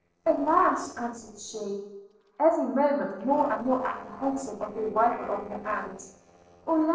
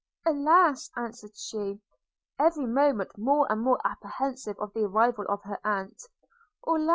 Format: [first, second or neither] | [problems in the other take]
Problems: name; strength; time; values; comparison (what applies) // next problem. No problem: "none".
second | noise reduction (neural separator model SepFormer DNS4)